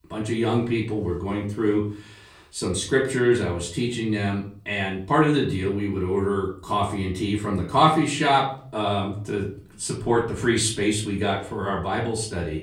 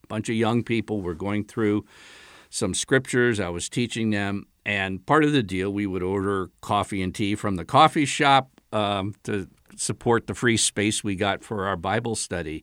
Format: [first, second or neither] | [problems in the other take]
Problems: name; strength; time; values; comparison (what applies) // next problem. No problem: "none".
second | off-mic speech; far // room echo; slight; dies away in 0.4 s